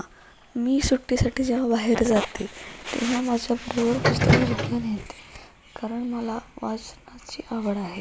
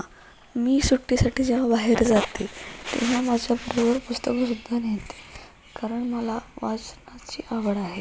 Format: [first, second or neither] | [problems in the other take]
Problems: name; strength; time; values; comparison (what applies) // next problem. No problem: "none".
second | background sound (Subway, metro, underground); 2 dB above the speech